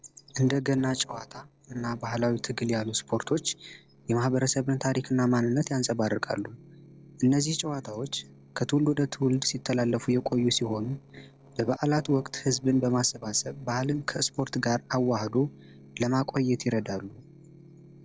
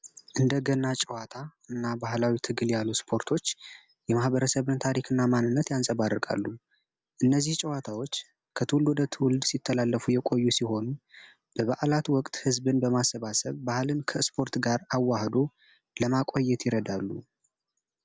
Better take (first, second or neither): second